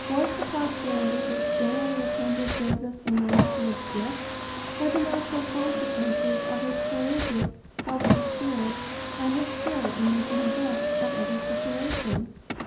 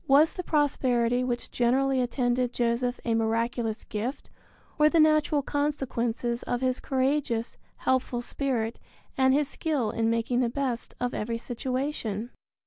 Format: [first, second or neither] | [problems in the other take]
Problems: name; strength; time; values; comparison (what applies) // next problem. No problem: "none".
second | background sound (Car); 1 dB above the speech // room echo; dies away in 0.7 s